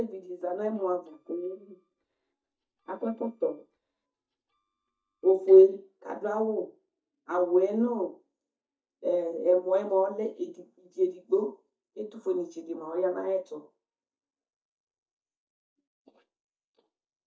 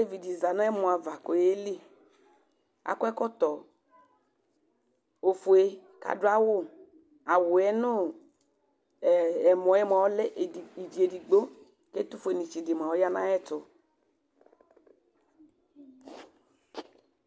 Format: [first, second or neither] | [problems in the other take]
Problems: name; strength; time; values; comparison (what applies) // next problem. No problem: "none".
second | noise reduction (neural mask model DeepFilterNet 3)